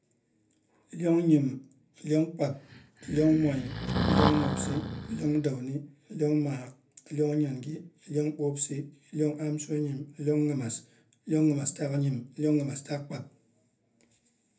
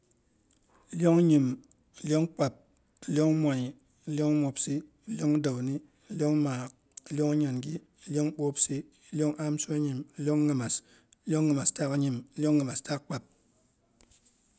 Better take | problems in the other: second | background sound (Breathing); 1 dB below the speech // room echo; dies away in 0.3 s

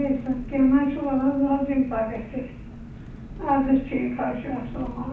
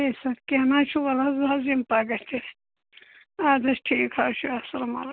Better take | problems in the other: second | background sound (Engine); 13 dB below the speech // room echo; dies away in 0.7 s

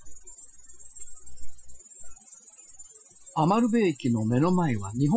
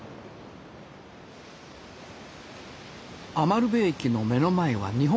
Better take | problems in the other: second | noise reduction (classical method Wiener filter)

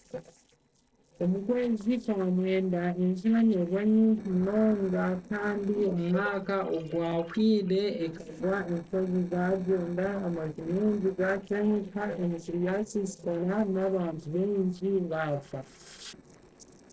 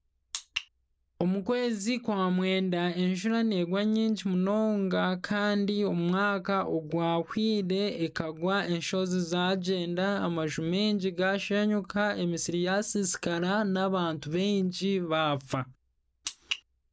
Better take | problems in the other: second | noise reduction (neural separator model SepFormer DNS4)

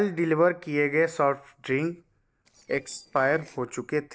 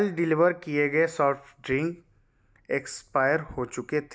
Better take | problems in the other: second | noise reduction (neural separator model SepFormer DNS4)

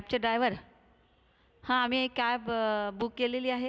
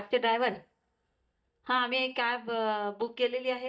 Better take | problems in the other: first | noise reduction (neural mask model DeepFilterNet 3)

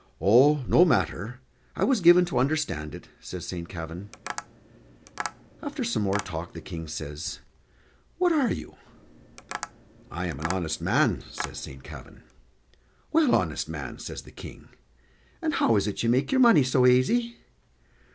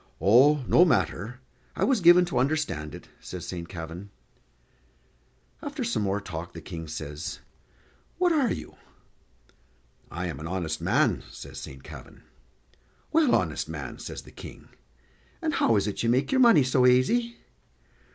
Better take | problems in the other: second | background sound (Tap); 14 dB below the speech

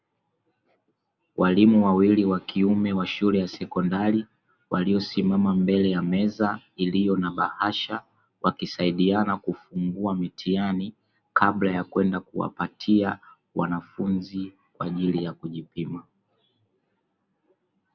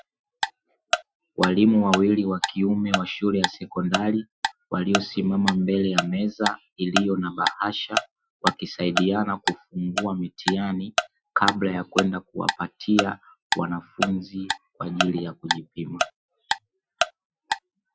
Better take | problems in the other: first | noise reduction (classical method Wiener filter)

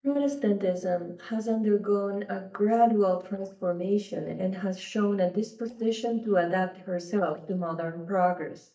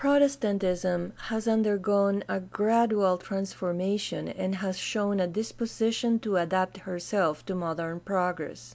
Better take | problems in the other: second | noise reduction (neural mask model DeepFilterNet 3)

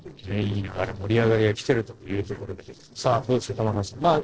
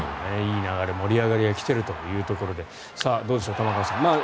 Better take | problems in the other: second | noise reduction (neural separator model SepFormer DNS4)

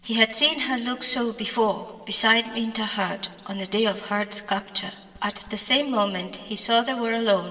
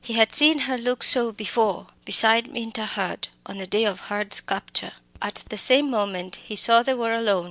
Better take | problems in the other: second | room echo; dies away in 1.8 s

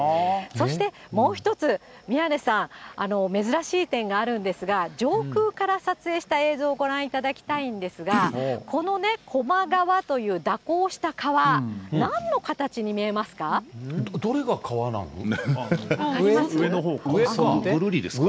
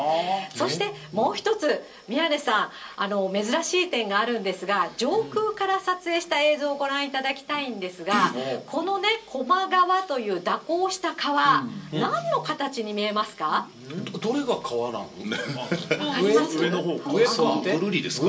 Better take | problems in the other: first | room echo; dies away in 0.2 s

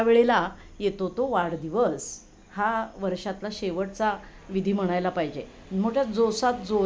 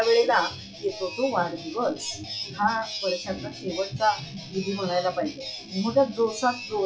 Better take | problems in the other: first | noise reduction (classical method WPE with log-MMSE)

